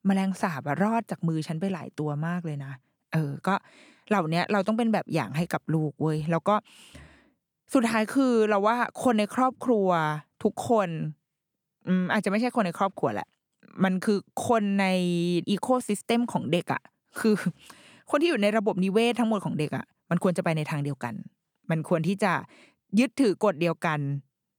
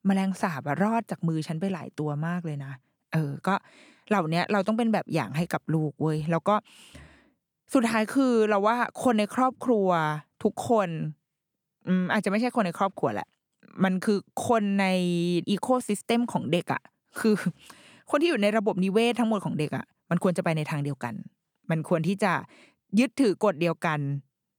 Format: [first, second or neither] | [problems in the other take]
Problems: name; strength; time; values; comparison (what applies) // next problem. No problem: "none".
neither | none